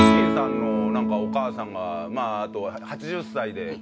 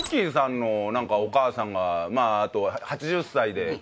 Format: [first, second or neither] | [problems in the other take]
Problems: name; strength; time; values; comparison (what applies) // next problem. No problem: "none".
second | background sound (Guitar); 5 dB above the speech